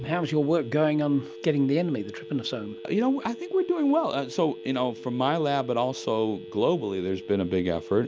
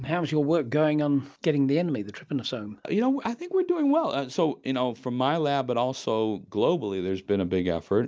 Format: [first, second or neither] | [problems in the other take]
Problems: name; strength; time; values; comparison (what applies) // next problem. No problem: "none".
second | background sound (Telephone); 15 dB below the speech